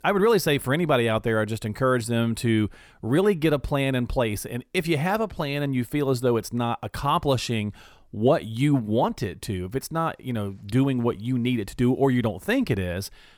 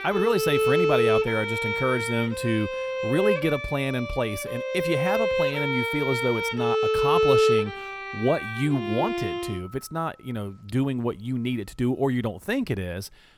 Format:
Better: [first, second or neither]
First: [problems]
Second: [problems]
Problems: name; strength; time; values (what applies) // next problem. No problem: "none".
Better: first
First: none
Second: background music; very loud; throughout; 2 dB above the speech